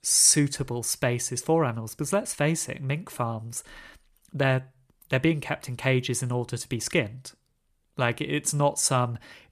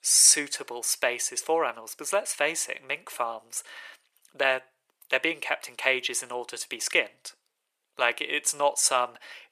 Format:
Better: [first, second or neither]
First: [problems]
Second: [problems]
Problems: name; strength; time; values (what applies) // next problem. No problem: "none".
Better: first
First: none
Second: thin; very; fading below 500 Hz